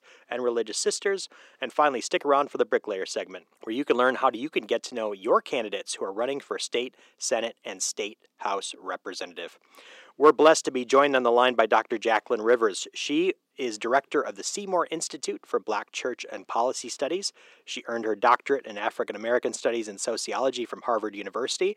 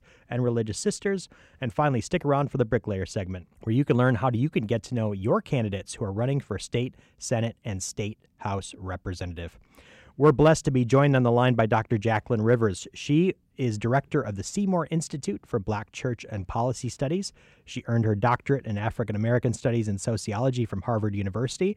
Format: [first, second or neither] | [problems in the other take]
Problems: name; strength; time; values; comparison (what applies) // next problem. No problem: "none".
second | thin; very; fading below 350 Hz